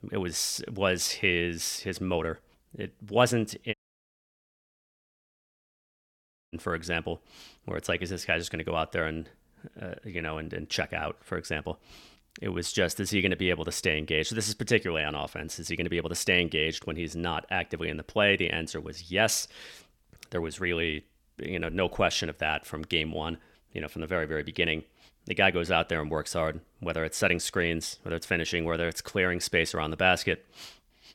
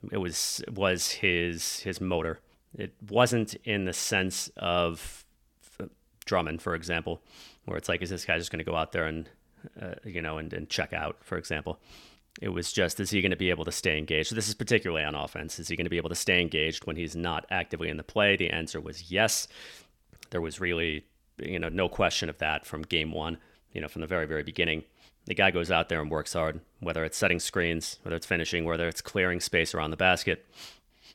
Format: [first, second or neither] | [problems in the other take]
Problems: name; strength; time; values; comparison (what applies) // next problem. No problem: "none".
second | audio cutting out; at 3.5 s for 3 s